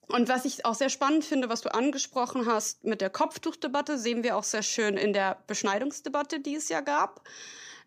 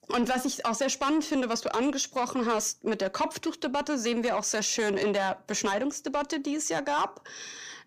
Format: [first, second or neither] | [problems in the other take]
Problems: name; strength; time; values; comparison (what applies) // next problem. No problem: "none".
first | distortion; slight; 10 dB below the speech